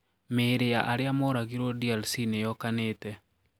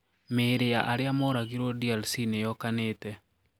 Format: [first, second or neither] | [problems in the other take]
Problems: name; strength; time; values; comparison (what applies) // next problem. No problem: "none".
first | background sound (Bird); 19 dB below the speech